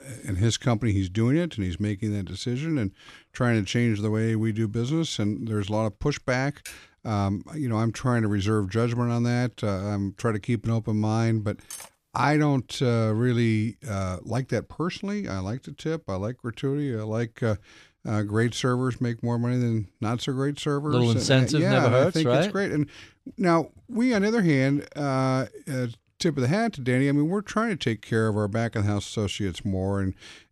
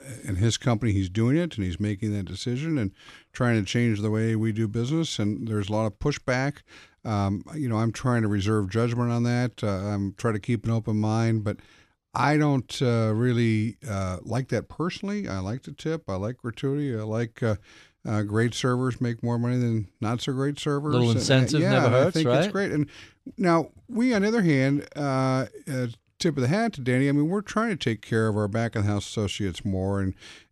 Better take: second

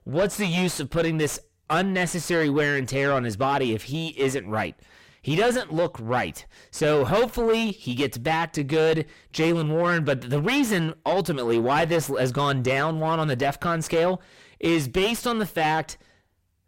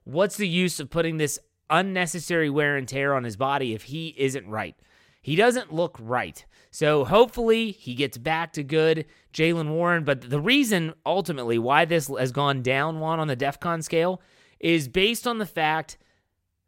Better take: second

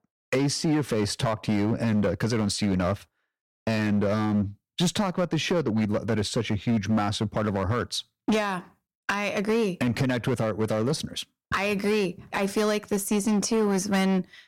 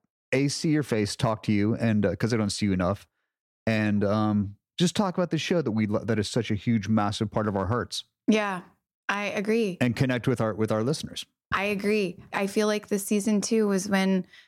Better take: second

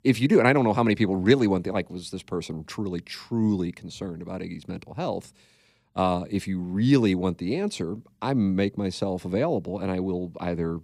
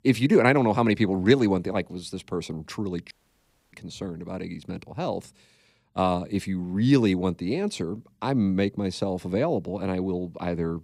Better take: first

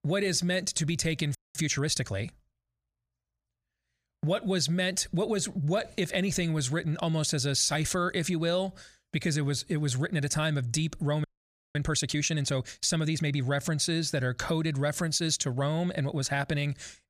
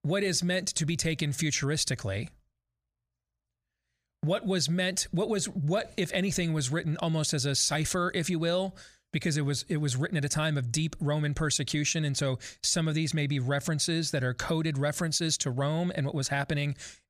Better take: second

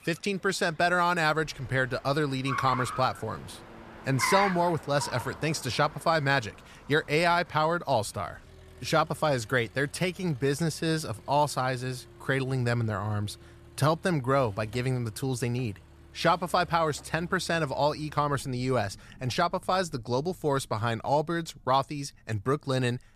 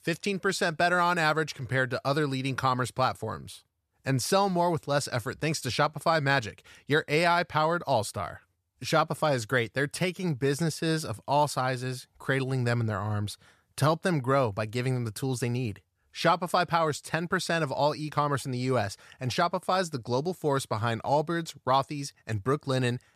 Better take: second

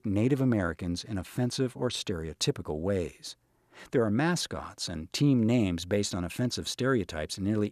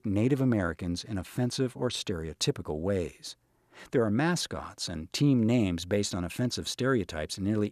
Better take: neither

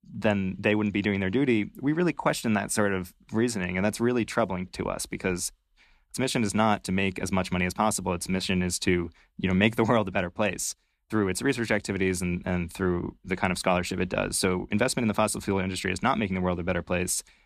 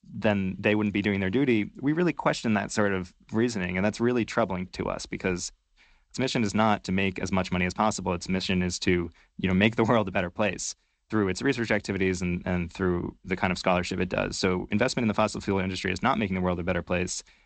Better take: first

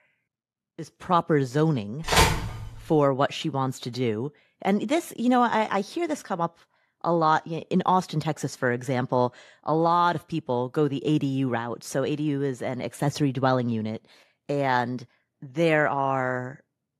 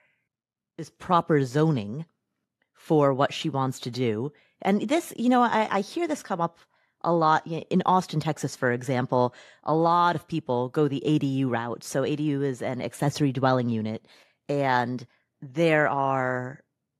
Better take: second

